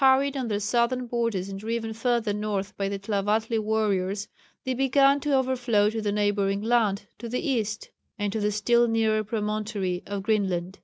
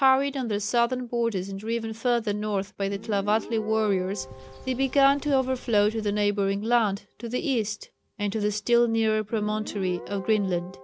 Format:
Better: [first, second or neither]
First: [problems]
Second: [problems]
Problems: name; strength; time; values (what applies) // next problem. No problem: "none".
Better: first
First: none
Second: background sound (Bird + Guitar); 19 dB below the speech